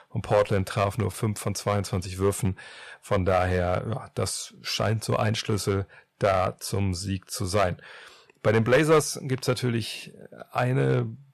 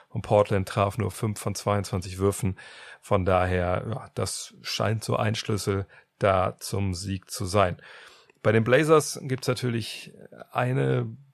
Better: second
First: distortion; slight; 2% of the sound clipped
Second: none

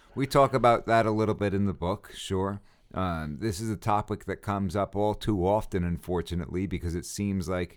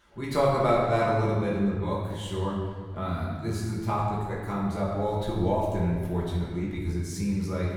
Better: first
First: none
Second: off-mic speech; far // room echo; noticeable; dies away in 1.6 s

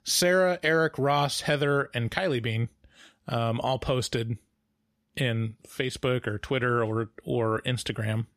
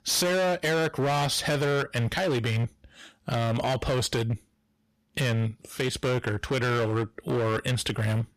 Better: first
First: none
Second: distortion; heavy; 22% of the sound clipped

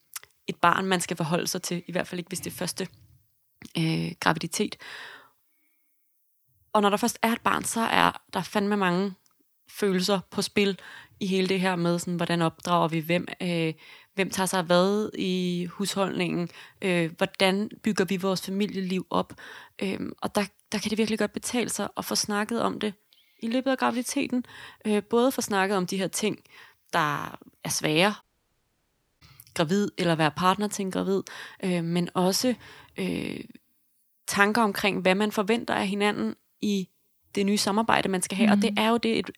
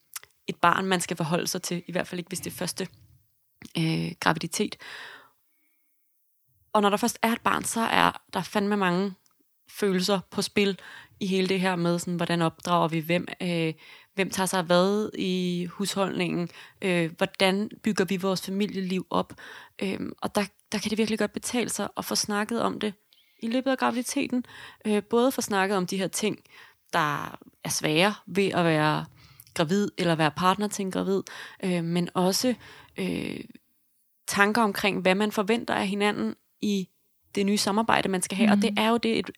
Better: second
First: audio cutting out; at 28 s for 1 s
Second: none

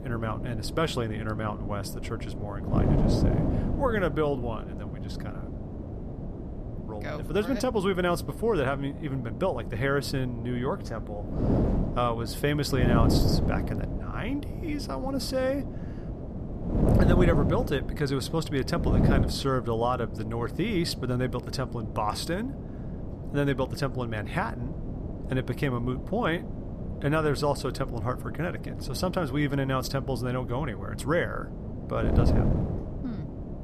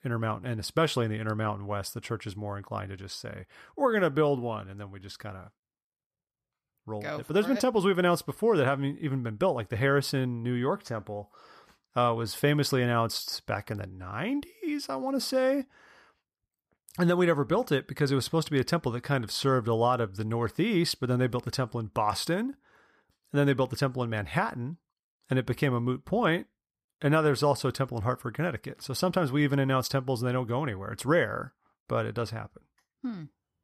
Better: second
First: wind noise on the microphone; heavy; 7 dB below the speech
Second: none

